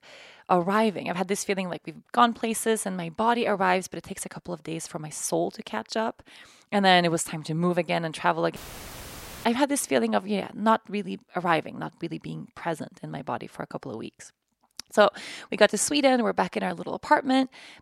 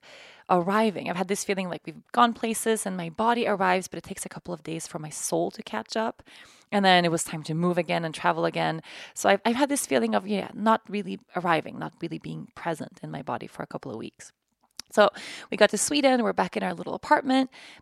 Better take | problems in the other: second | audio cutting out; filled with static; at 8.5 s for 1 s

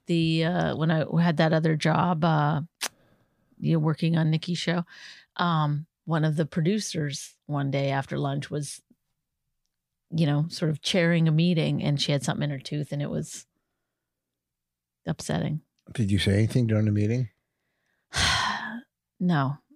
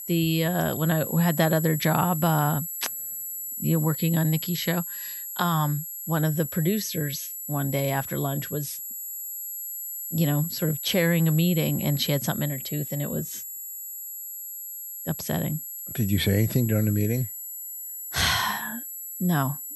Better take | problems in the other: first | high-pitched whine; loud; throughout; 11.5 kHz, 7 dB below the speech

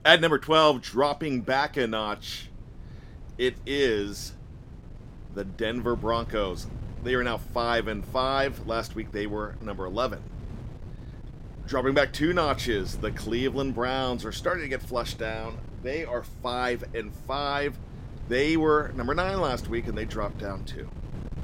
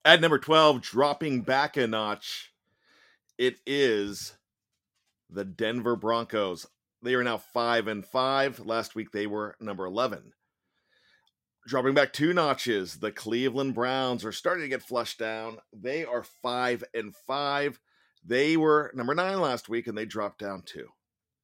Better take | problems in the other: second | wind noise on the microphone; occasional gusts; 25 dB below the speech

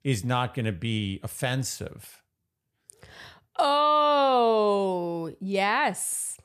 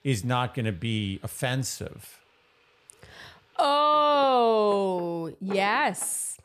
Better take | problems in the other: first | household noises; faint; throughout; 20 dB below the speech

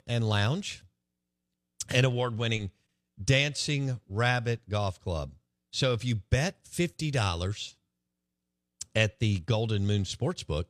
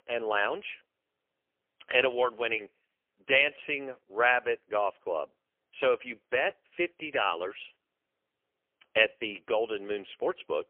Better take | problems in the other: first | phone-call audio; poor line; nothing above 3 kHz

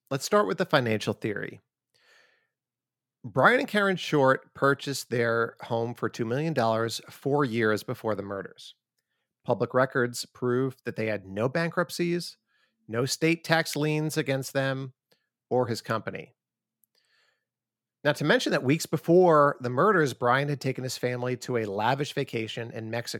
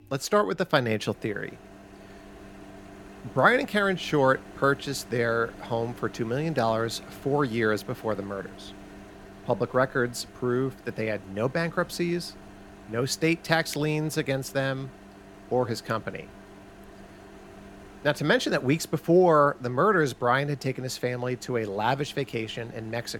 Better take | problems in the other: first | household noises; faint; throughout; 20 dB below the speech

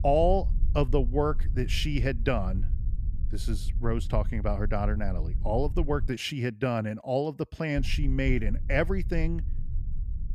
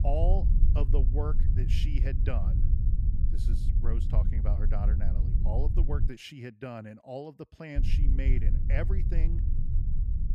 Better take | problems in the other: first | low rumble; loud; until 6 s and from 8 s on; 6 dB below the speech; faint in the first

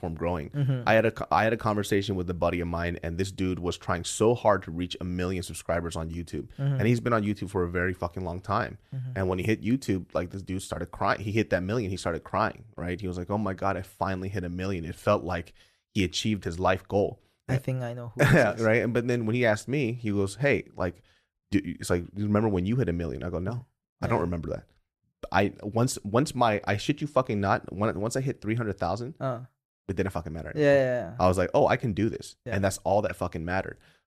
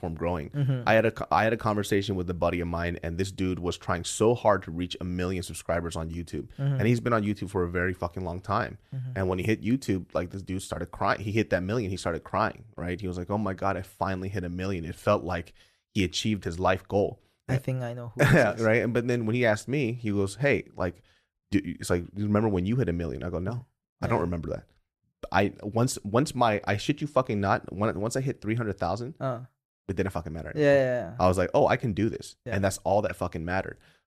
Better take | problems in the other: neither | none

